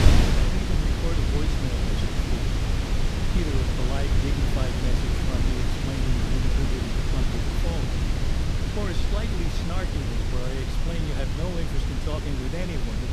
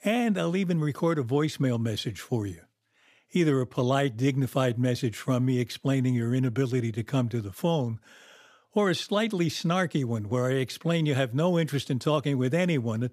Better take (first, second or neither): second